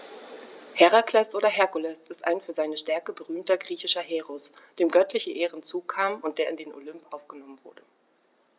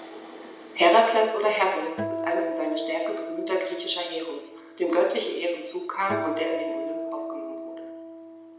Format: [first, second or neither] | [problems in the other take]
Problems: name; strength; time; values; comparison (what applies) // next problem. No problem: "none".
first | background sound (Acoustic guitar); 8 dB below the speech // room echo; dies away in 1 s